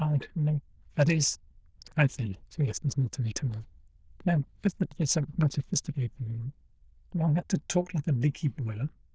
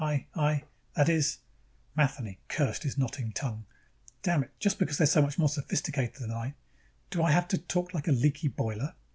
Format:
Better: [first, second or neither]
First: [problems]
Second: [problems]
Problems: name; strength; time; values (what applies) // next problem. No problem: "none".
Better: second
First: noise reduction (neural diffusion model UNIVERSE++)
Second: none